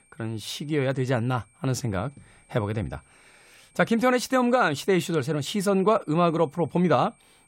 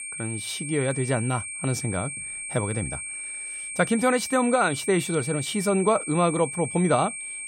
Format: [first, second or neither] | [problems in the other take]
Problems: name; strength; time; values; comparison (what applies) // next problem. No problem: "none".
first | high-pitched whine; loud; throughout; 2.5 kHz, 7 dB below the speech; faint in the first